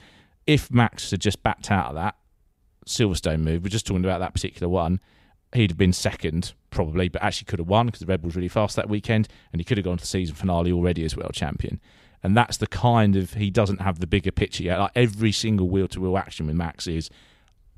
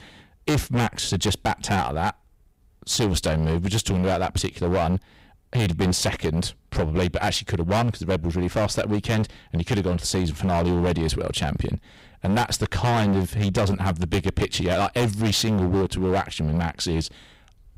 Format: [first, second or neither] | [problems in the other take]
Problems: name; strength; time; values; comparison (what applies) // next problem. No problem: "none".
first | distortion; heavy; 17% of the sound clipped